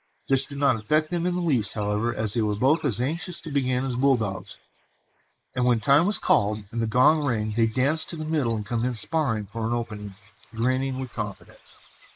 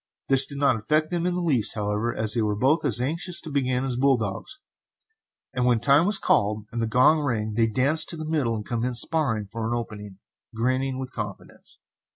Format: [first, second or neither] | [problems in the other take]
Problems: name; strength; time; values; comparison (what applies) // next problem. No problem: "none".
second | noise reduction (neural mask model Resemble Enhance denoiser)